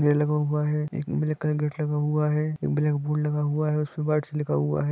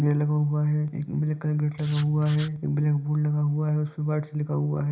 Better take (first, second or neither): first